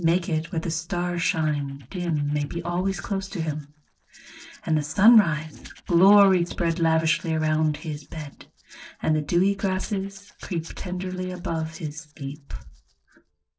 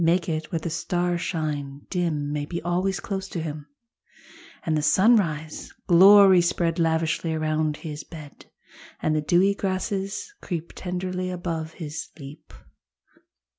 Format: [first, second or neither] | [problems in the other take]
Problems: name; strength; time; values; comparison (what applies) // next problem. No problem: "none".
second | noise reduction (neural separator model SepFormer DNS4)